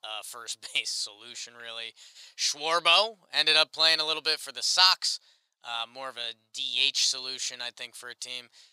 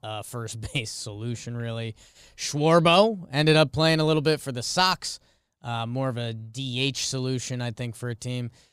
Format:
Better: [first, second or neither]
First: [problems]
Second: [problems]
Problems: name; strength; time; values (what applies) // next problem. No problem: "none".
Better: second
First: thin; very; fading below 950 Hz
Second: none